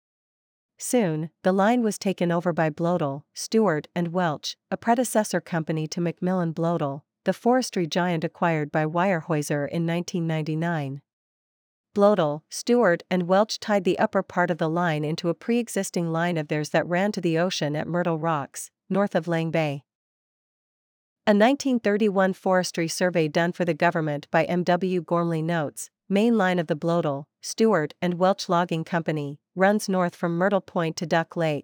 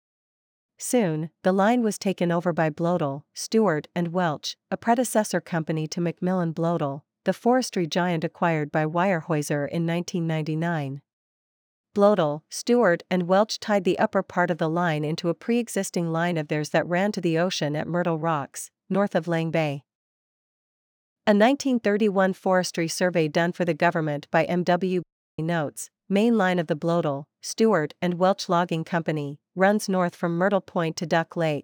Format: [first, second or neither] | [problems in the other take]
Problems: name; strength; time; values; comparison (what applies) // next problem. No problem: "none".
first | audio cutting out; at 25 s